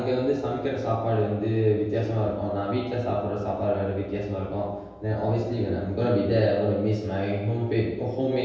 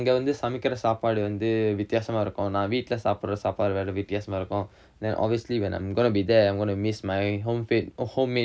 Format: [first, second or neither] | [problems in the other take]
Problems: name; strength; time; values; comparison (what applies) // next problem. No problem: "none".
second | room echo; dies away in 1.2 s